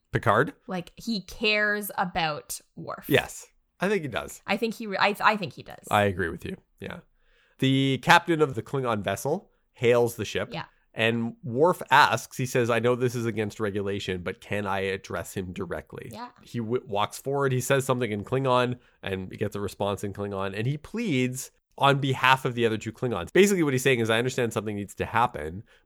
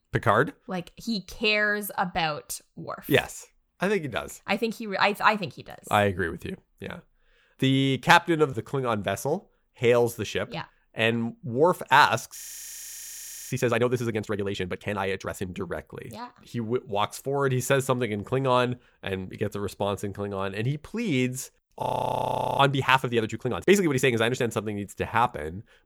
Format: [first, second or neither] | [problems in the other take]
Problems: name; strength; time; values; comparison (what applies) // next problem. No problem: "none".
first | audio freezing; at 12 s for 1 s and at 22 s for 1 s